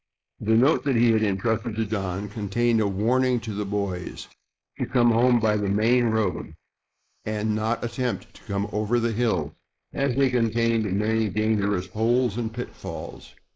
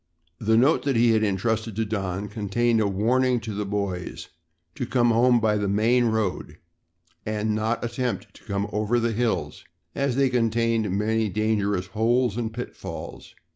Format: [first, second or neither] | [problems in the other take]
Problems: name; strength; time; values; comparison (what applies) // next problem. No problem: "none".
second | noise reduction (neural mask model Resemble Enhance denoiser)